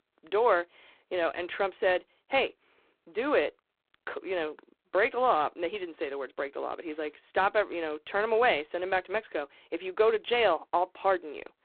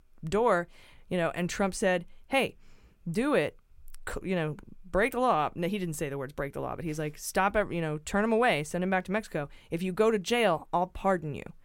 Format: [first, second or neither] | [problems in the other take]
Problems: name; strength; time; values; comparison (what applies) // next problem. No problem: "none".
second | phone-call audio; poor line; nothing above 4 kHz